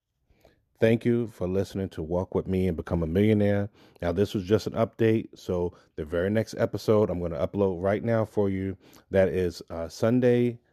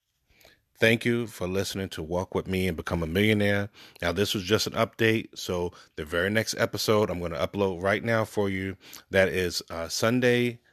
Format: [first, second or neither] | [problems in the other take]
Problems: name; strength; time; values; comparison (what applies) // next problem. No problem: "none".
second | muffled; slightly; fading above 1 kHz